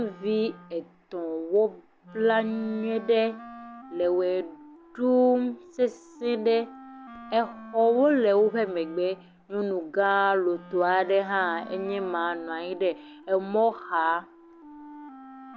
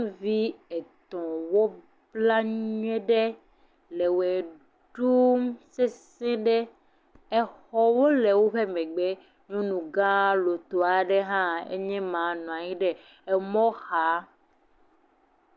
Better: second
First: background sound (Wind instrument, woodwind instrument); 19 dB below the speech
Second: none

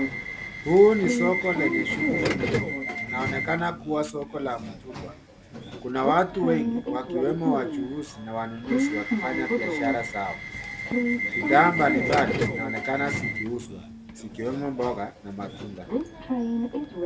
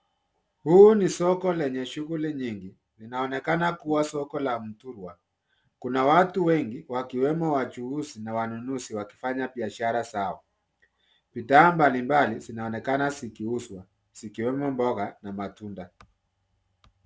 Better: second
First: background sound (Subway, metro, underground / Alarm); 1 dB below the speech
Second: none

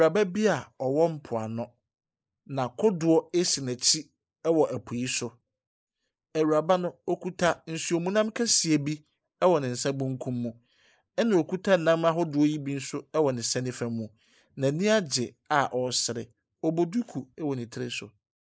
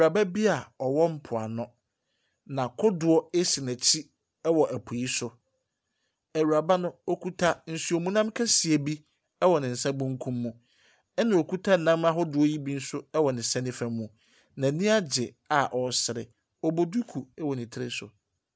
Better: second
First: noise reduction (neural mask model Resemble Enhance denoiser)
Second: none

